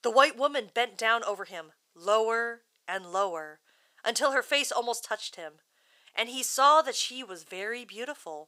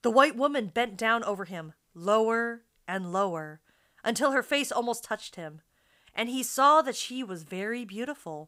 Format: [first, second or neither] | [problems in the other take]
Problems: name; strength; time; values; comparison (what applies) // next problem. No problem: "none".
second | thin; somewhat; fading below 500 Hz